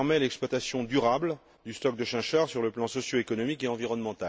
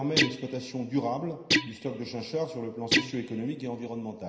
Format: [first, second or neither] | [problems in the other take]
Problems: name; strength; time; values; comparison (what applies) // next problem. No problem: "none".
first | background sound (Guitar); 1 dB above the speech // room echo; dies away in 0.9 s